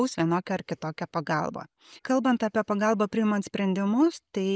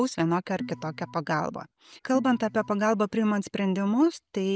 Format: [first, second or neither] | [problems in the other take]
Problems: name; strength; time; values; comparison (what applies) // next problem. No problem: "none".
first | background sound (Organ); 16 dB below the speech